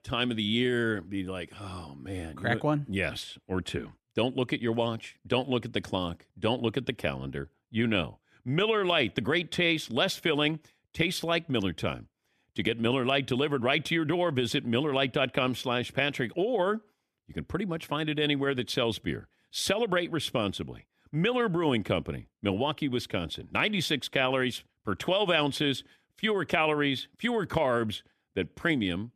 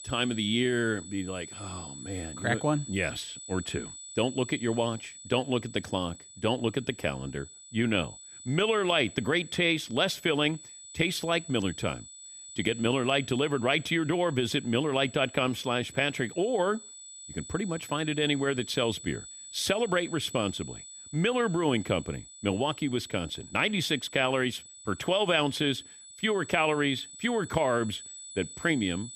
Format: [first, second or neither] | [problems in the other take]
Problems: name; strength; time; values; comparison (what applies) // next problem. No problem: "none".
first | high-pitched whine; noticeable; throughout; 8 kHz, 15 dB below the speech